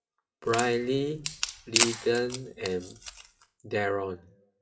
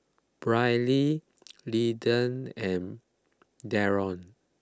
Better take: second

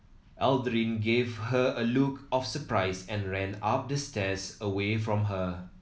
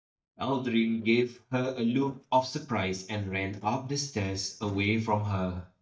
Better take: first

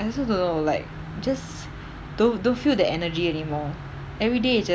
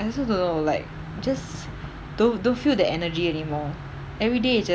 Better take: first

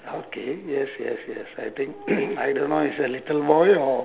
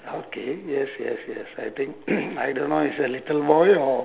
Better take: second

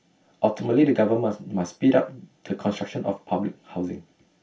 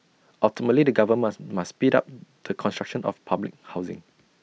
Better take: second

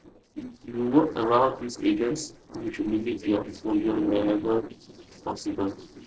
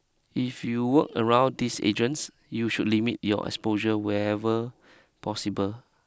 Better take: second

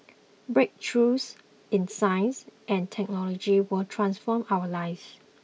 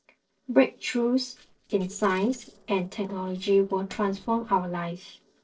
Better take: first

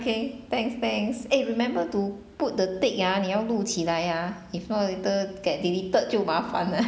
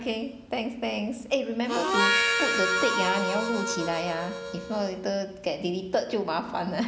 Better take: first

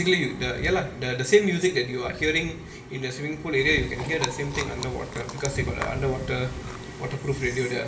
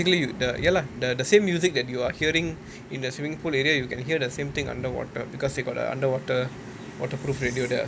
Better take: second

